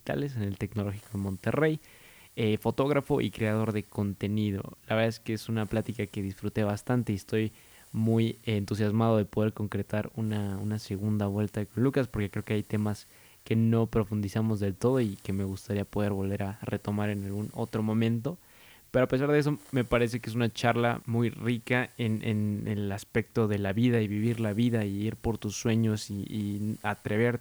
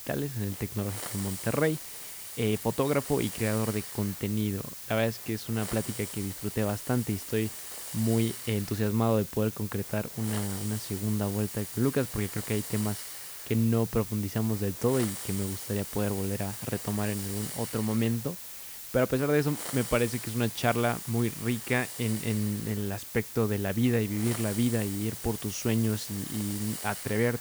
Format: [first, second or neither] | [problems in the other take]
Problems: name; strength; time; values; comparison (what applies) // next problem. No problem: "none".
first | hiss; loud; throughout; 7 dB below the speech; faint in the first